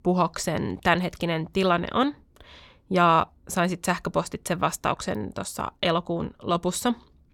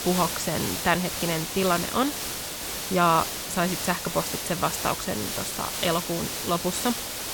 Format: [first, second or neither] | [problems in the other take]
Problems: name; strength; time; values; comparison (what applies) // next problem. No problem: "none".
first | hiss; loud; throughout; 3 dB below the speech